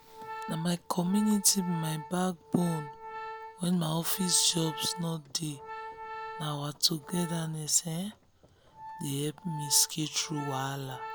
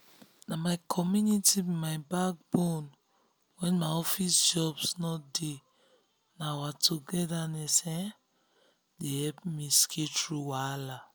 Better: second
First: background sound (Organ); 12 dB below the speech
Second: none

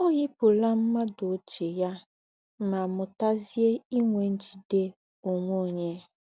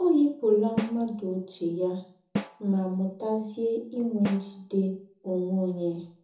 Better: first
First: none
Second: background sound (Snare drum); 11 dB below the speech // room echo; dies away in 1 s

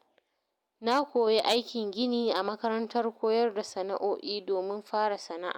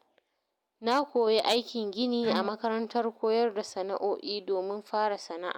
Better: first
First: none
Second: background sound (Bowed string instrument); 11 dB below the speech

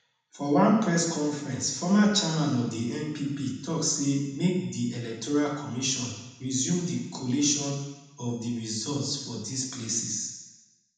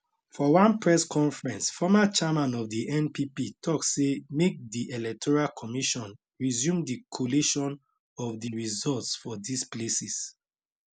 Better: second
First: room echo; dies away in 1 s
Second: none

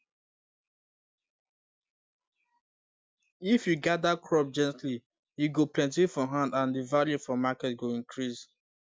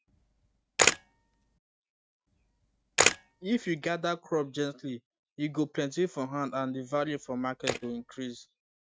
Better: first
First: none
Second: noise reduction (neural mask model RNNoise)

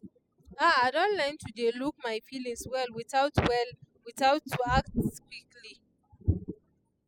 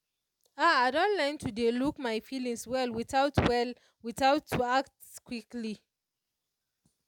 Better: second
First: noise reduction (classical method spectral subtraction)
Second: none

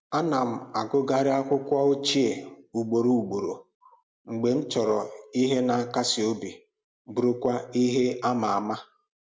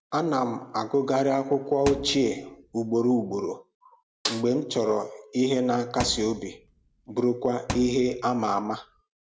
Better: first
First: none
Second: background sound (Snare drum + Thump, thud); 12 dB below the speech

